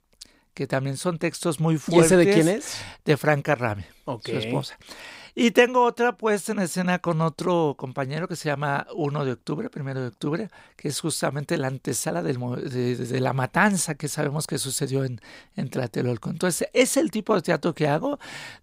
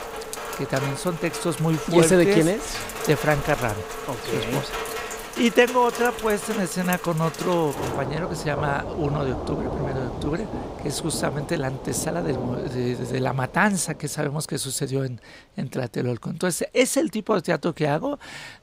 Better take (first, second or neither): first